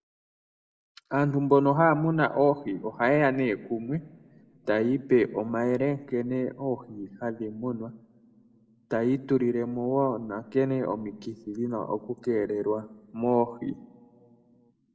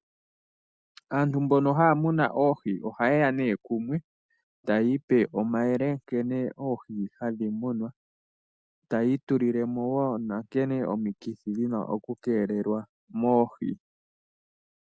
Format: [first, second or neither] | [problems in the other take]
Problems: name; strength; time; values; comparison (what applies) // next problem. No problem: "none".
second | room echo; dies away in 0.7 s